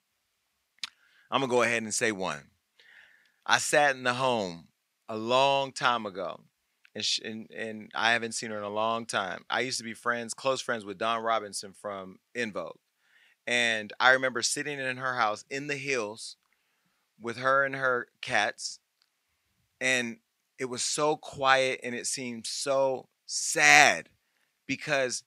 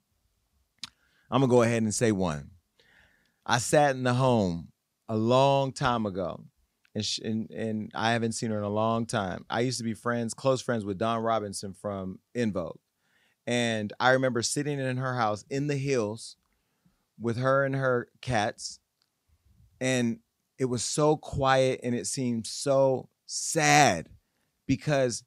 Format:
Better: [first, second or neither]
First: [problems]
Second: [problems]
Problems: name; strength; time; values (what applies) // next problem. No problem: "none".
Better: second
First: thin; somewhat; fading below 650 Hz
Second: none